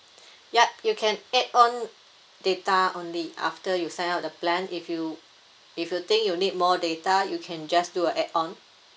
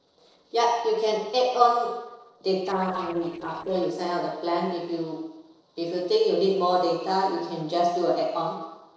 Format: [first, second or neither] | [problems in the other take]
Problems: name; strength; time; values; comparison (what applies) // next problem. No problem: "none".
first | noise reduction (neural separator model SepFormer DNS4)